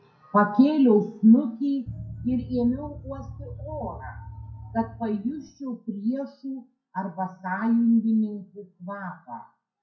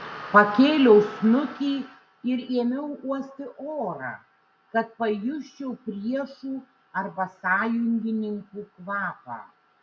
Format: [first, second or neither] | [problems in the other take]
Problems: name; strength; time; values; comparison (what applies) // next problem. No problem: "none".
second | noise reduction (classical method WPE with log-MMSE)